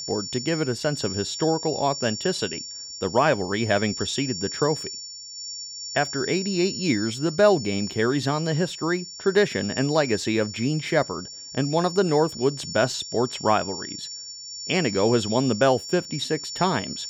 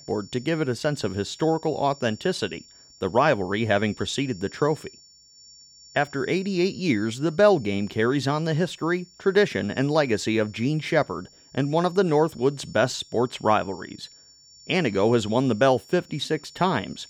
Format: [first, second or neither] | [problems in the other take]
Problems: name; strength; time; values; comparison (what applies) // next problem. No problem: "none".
second | high-pitched whine; loud; throughout; 5.5 kHz, 9 dB below the speech; faint in the second